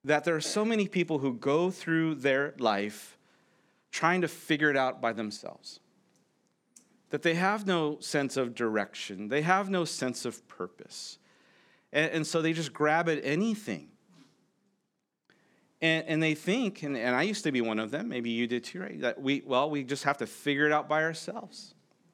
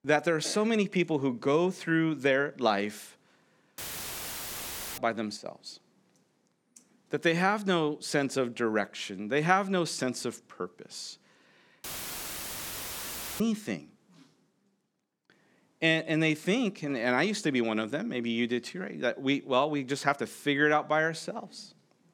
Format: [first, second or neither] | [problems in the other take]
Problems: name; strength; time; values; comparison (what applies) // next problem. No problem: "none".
first | audio cutting out; filled with static; at 4 s for 1 s and at 12 s for 1.5 s